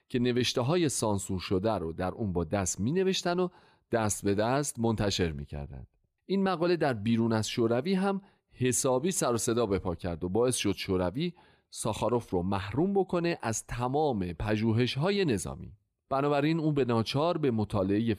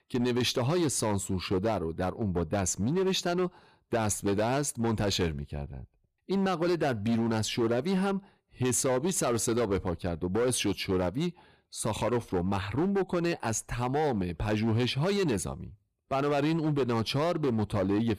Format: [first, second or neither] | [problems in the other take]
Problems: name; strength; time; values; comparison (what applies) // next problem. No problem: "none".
first | distortion; slight; 12% of the sound clipped